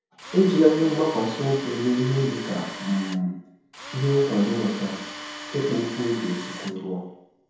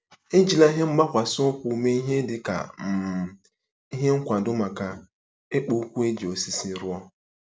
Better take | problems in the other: second | background sound (Tools); 12 dB below the speech // room echo; dies away in 2 s

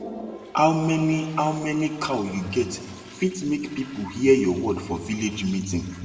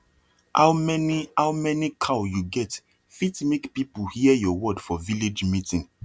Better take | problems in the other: second | background sound (Toilet flush); 19 dB below the speech // room echo; dies away in 1.6 s

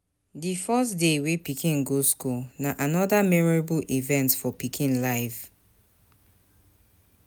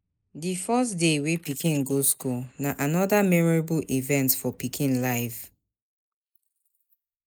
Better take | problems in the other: first | noise reduction (neural mask model Resemble Enhance denoiser)

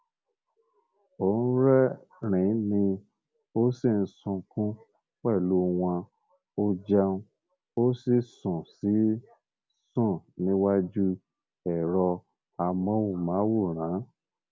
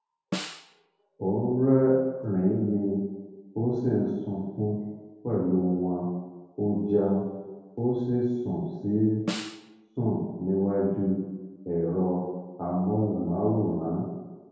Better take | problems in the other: first | background sound (Snare drum); 12 dB below the speech // room echo; dies away in 1.2 s

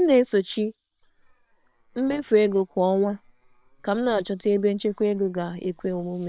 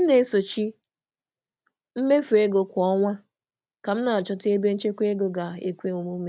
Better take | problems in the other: second | noise reduction (neural separator model SepFormer WHAM!)

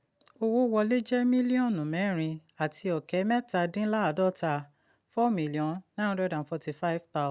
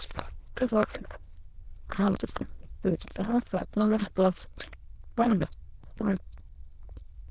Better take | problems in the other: first | noise reduction (neural diffusion model UNIVERSE++)

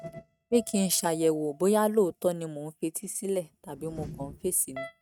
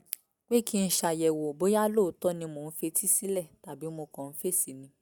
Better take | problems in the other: second | noise reduction (neural mask model RNNoise)

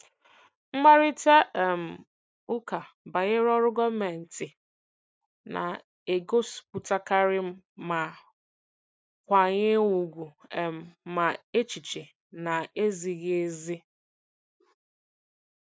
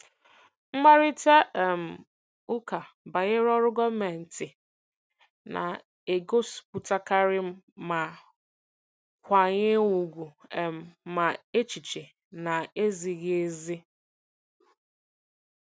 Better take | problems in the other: second | noise reduction (neural mask model Resemble Enhance denoiser)

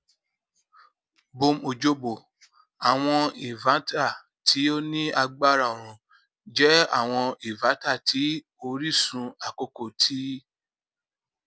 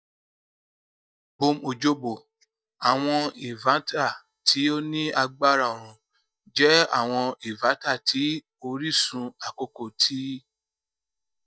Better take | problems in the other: first | noise reduction (neural mask model DeepFilterNet 3)

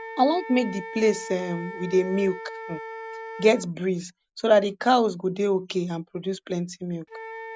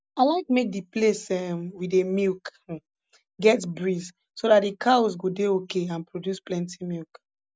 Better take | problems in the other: second | background sound (Wind instrument, woodwind instrument); 14 dB below the speech

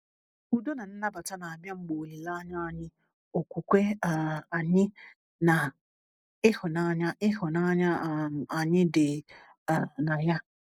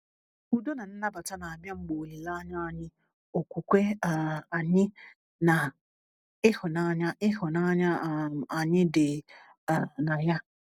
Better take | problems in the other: second | noise reduction (neural mask model Resemble Enhance denoiser)

